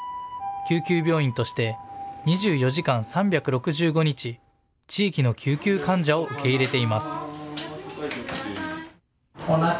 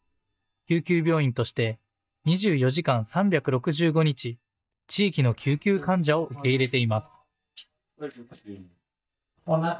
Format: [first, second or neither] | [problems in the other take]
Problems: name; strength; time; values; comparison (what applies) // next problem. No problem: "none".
first | noise reduction (neural mask model DeepFilterNet 3)